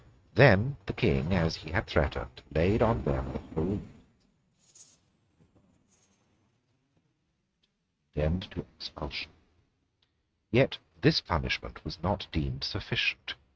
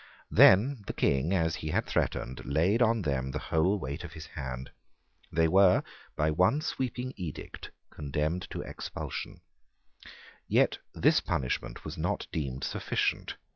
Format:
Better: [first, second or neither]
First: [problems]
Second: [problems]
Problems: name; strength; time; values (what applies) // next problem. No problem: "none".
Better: second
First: noise reduction (neural mask model RNNoise)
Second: none